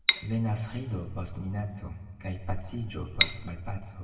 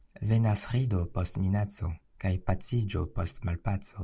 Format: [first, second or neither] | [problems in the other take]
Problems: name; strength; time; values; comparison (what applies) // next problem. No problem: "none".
second | background sound (Cutlery, silverware / Dishes, pots, and pans); 4 dB above the speech // room echo; dies away in 1.4 s